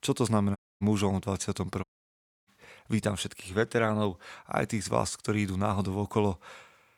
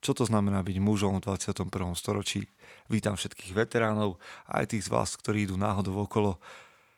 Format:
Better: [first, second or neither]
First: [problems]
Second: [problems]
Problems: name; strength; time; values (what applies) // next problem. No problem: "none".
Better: second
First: audio cutting out; at 0.5 s and at 2 s for 0.5 s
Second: none